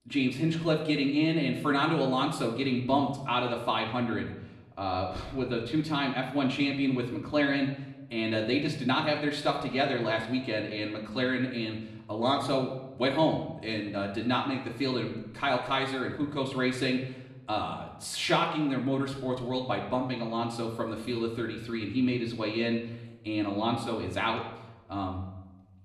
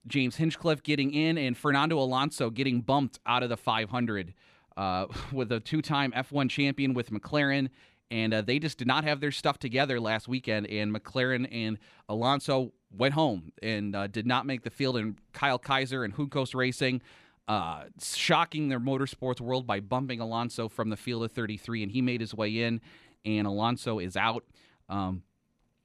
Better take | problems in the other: second | room echo; slight; dies away in 0.8 s // off-mic speech; far

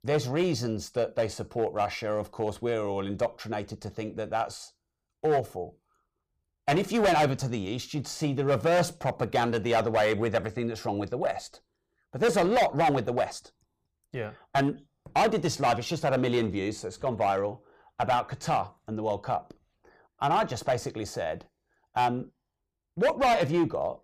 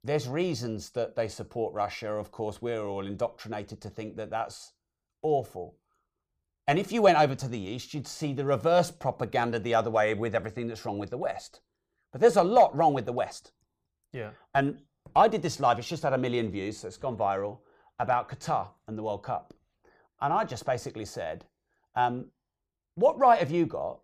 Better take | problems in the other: second | distortion; heavy; 6% of the sound clipped

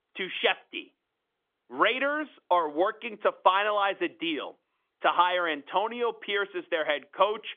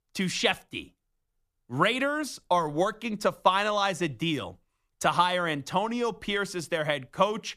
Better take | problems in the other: second | phone-call audio; nothing above 3.5 kHz

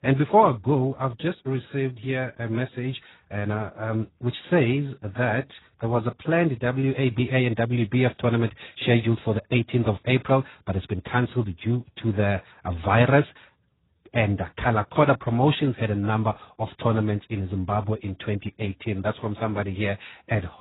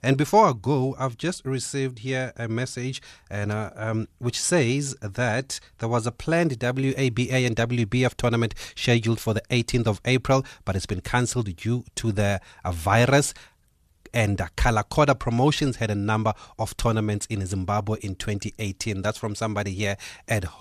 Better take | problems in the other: second | garbled, watery; badly; nothing above 4 kHz

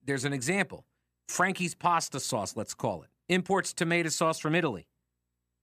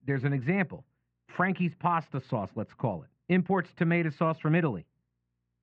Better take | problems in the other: first | muffled; very; fading above 2.5 kHz

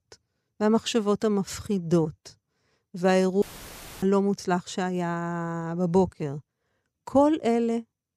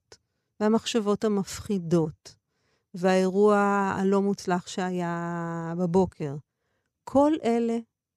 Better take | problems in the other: second | audio cutting out; filled with static; at 3.5 s for 0.5 s

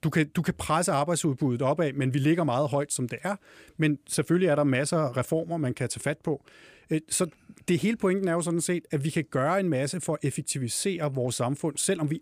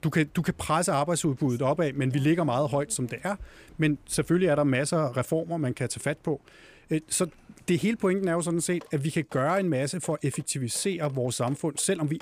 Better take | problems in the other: first | rain or running water; faint; throughout; 25 dB below the speech

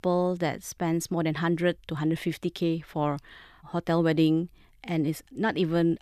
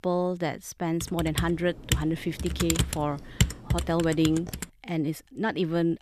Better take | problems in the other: first | keyboard typing; loud; from 1 to 4.5 s; peak 2 dB above the speech

